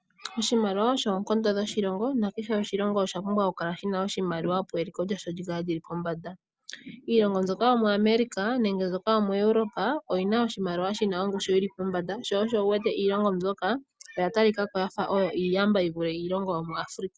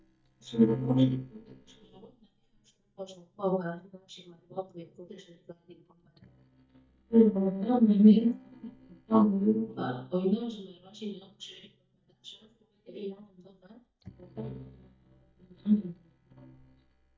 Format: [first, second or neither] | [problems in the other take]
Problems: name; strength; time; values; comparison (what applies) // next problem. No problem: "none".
first | noise reduction (neural mask model DeepFilterNet 3)